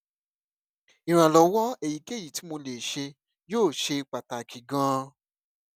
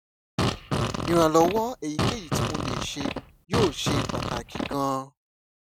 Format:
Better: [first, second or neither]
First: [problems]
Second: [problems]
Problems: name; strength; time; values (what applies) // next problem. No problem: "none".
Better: first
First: none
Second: background sound (Fart); as loud as the speech